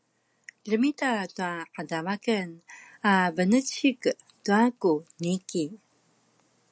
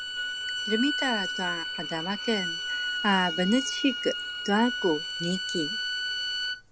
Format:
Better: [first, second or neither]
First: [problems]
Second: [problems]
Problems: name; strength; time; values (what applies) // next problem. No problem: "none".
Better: first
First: none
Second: background sound (Bowed string instrument); 2 dB below the speech